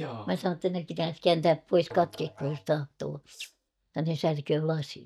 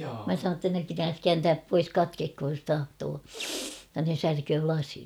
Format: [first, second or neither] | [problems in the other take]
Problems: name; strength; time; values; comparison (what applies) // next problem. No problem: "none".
second | noise reduction (neural mask model DeepFilterNet 3)